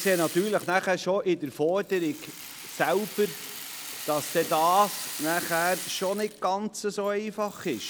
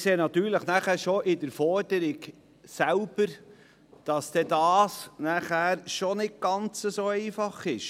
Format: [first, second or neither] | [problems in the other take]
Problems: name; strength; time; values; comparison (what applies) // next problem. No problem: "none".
second | background sound (Rattle (instrument)); 12 dB below the speech